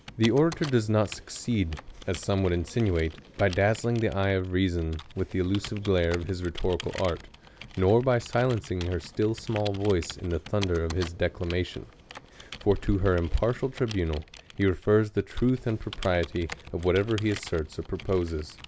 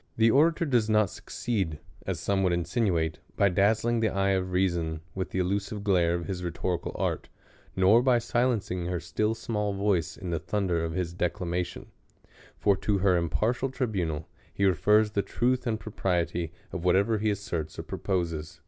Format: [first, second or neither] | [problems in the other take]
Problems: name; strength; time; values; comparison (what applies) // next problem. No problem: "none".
second | background sound (Computer keyboard); 17 dB below the speech